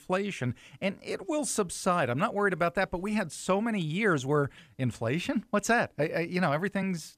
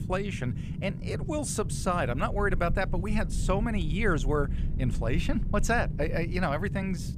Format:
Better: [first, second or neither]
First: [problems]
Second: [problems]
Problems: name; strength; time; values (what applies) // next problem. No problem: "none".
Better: first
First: none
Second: low rumble; noticeable; throughout; 15 dB below the speech